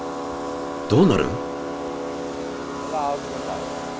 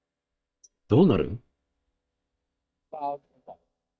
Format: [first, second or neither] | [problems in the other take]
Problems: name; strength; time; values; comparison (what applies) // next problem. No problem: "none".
first | noise reduction (neural mask model DeepFilterNet 3)